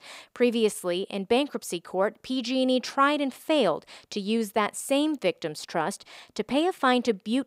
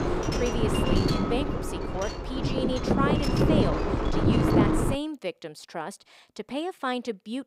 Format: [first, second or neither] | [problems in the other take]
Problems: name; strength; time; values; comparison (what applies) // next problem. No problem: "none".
first | wind noise on the microphone; heavy; until 5 s; 4 dB above the speech